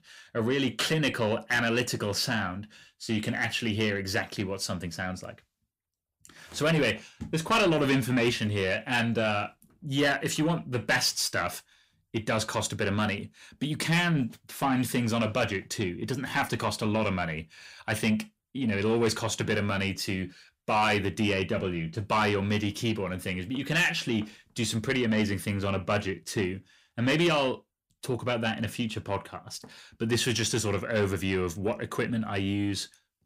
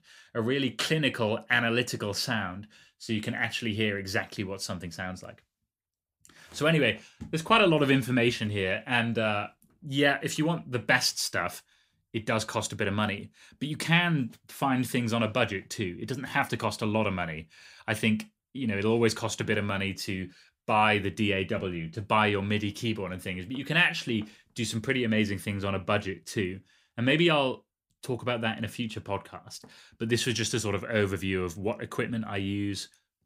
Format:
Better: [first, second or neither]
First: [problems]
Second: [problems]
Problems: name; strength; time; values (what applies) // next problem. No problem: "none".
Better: second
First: distortion; slight; 10 dB below the speech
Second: none